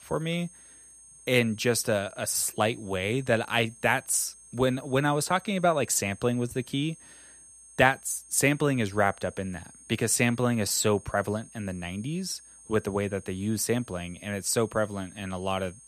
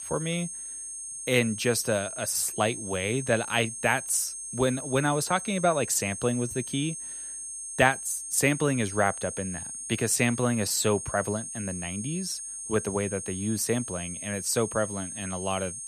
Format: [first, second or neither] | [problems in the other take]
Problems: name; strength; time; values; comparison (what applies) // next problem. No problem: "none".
first | high-pitched whine; loud; throughout; 8.5 kHz, 7 dB below the speech; faint in the first